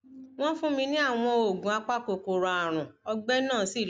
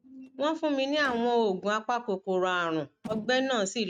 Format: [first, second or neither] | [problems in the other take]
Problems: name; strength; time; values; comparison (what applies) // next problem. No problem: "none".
first | noise reduction (neural mask model RNNoise)